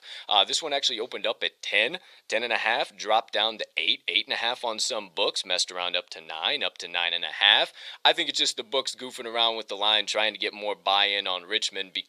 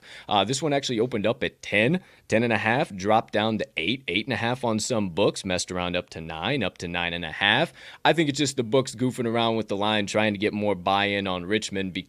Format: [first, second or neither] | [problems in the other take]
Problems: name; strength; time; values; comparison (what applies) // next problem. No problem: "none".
second | thin; very; fading below 650 Hz